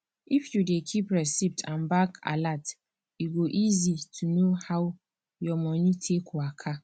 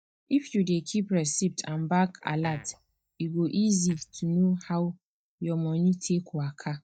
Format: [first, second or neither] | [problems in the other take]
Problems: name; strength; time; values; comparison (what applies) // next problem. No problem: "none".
first | noise reduction (neural mask model DeepFilterNet 3)